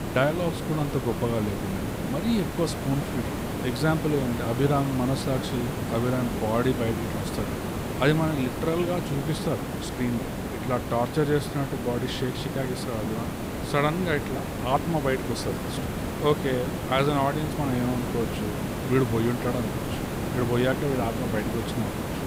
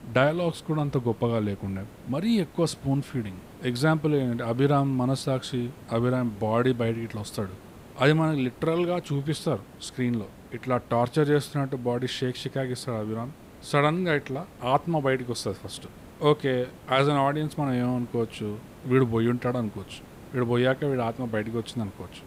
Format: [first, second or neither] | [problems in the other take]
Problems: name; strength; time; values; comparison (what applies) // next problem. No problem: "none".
second | hiss; loud; throughout; 3 dB below the speech; faint in the second